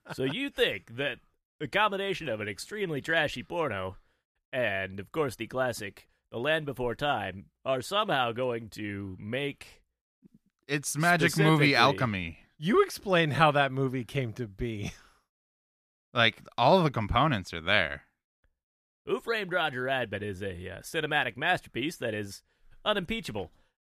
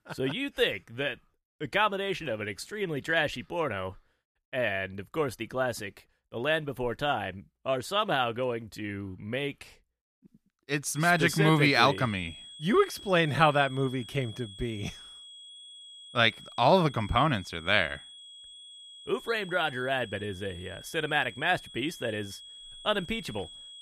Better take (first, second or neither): first